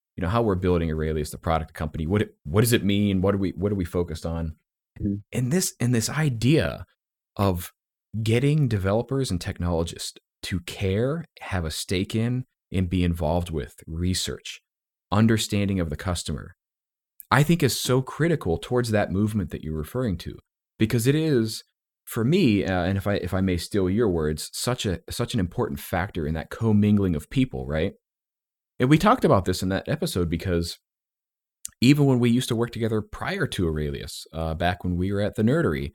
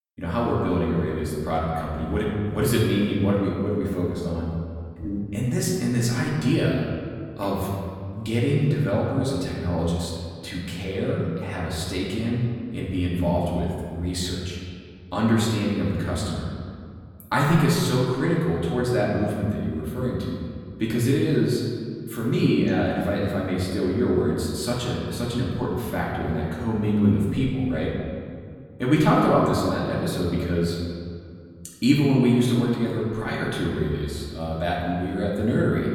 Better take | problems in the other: first | room echo; noticeable; dies away in 1.9 s // off-mic speech; far

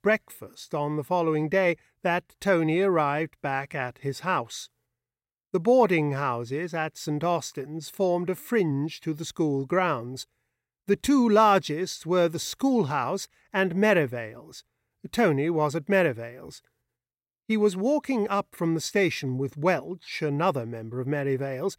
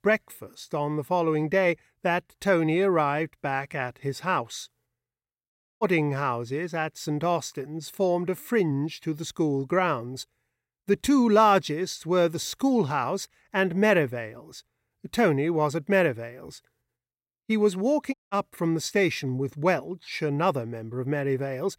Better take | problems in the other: first | audio cutting out; at 5.5 s and at 18 s

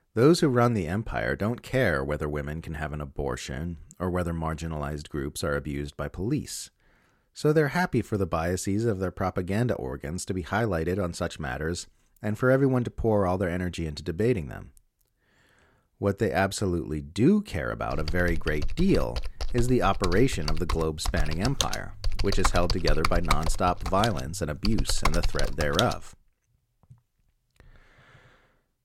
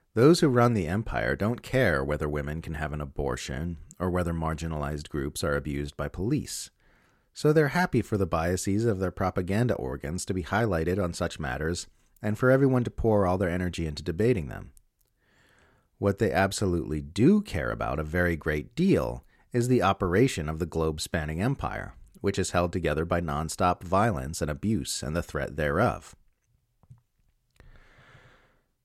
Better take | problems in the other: second | keyboard typing; noticeable; from 18 to 26 s; peak level with the speech

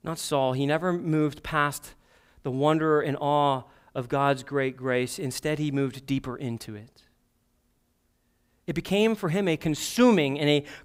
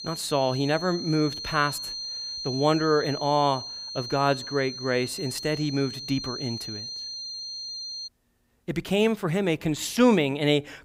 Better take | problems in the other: first | high-pitched whine; loud; until 8 s; 4 kHz, 8 dB below the speech

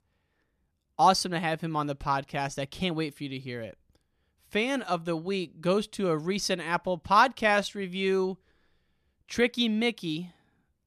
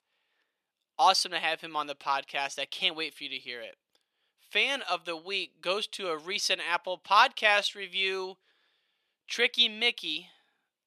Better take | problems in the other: first | thin; very; fading below 550 Hz

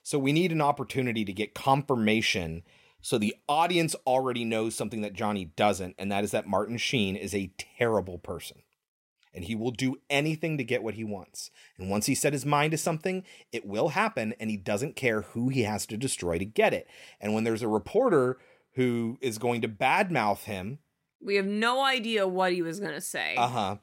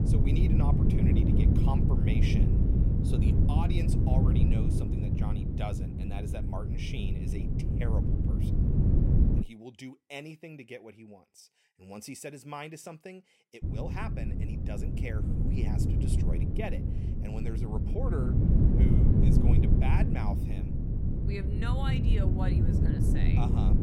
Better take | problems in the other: first | wind noise on the microphone; heavy; until 9.5 s and from 14 s on; 3 dB above the speech

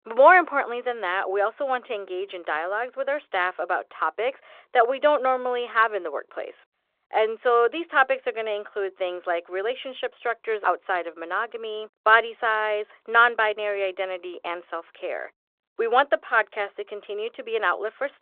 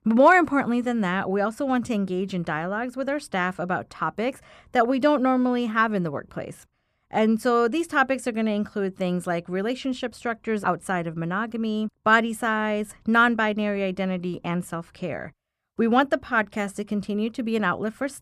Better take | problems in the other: second | phone-call audio

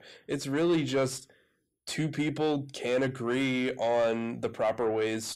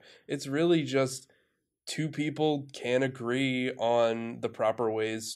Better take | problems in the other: second | distortion; slight; 10 dB below the speech

